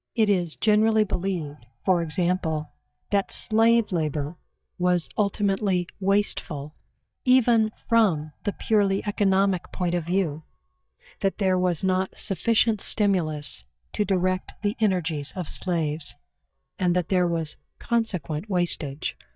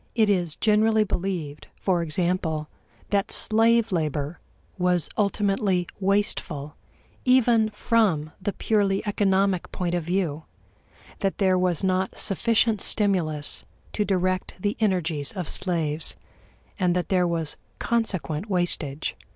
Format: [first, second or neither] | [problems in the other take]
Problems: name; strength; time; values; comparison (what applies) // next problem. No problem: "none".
second | noise reduction (neural mask model DeepFilterNet 3)